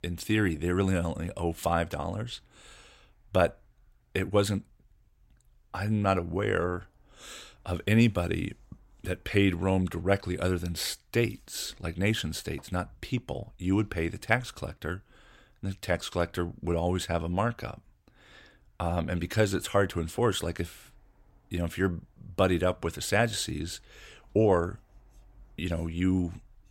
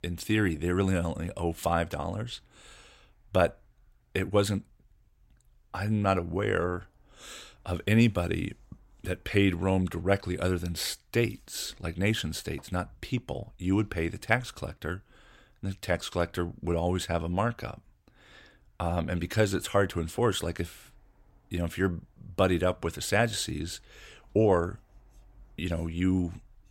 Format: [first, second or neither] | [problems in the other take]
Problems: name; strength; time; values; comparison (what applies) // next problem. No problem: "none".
neither | none